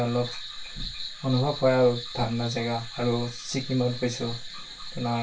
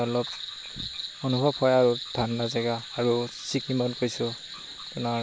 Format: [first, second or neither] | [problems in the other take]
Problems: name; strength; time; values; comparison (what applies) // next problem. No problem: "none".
second | room echo; dies away in 0.2 s